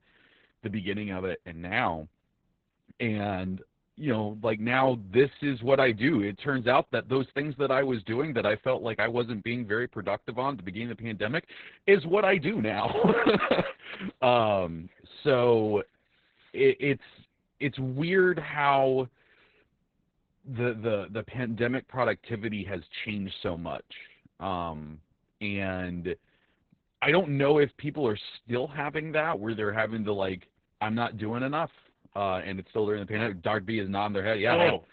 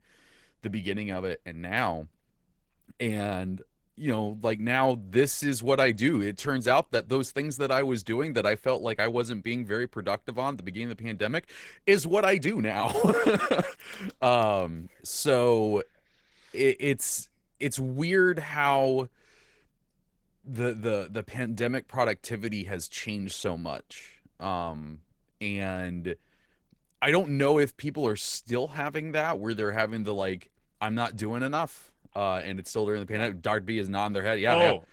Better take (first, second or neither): second